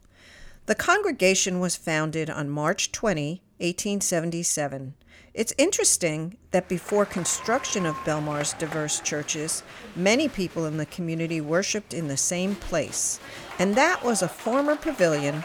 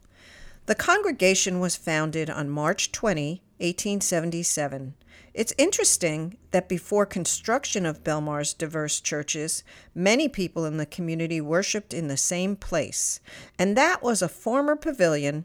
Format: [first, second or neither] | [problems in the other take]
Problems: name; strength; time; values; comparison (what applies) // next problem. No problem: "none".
second | crowd noise; noticeable; from 7 s on; 15 dB below the speech